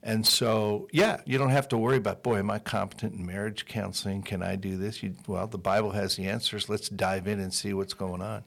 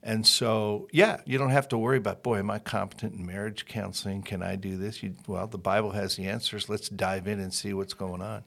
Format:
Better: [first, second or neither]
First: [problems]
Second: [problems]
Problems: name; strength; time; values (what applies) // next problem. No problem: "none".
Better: second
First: distortion; slight; 1.7% of the sound clipped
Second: none